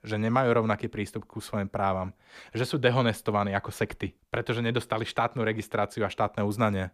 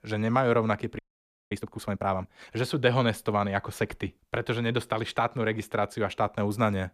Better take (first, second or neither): first